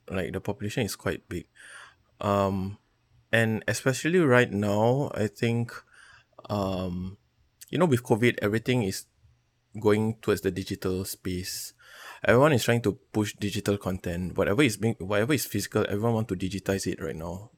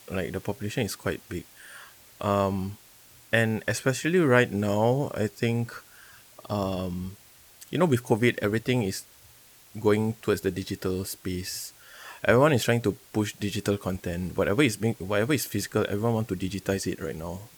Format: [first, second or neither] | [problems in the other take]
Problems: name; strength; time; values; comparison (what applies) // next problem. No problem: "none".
first | hiss; faint; throughout; 25 dB below the speech